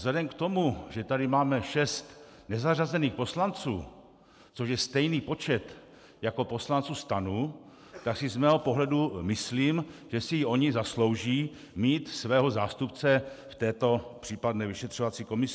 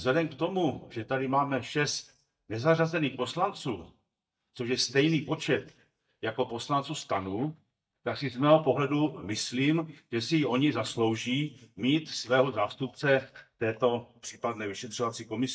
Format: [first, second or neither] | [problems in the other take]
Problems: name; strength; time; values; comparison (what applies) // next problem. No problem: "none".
first | noise reduction (neural mask model DeepFilterNet 3)